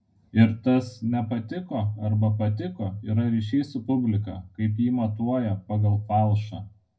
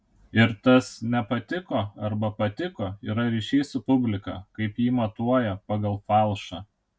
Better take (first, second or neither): second